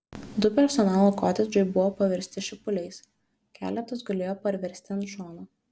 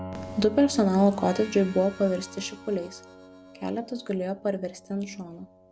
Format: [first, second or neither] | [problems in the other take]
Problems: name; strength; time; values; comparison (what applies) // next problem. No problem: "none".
first | background sound (Piano + Harmonica); 16 dB below the speech